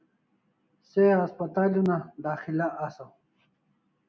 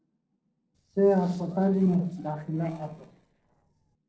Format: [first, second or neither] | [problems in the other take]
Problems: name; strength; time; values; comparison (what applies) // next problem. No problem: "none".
first | noise reduction (neural separator model SepFormer DNS4)